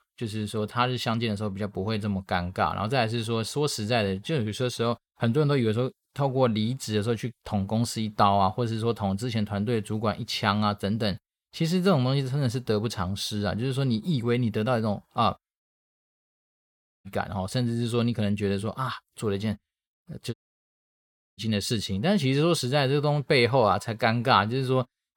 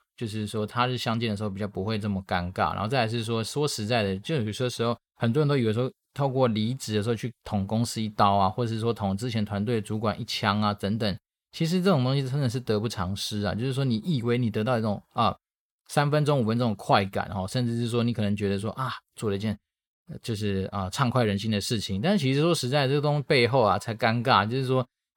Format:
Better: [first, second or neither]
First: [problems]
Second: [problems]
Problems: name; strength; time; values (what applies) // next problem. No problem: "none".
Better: second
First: audio cutting out; at 16 s for 1.5 s and at 20 s for 1 s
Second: none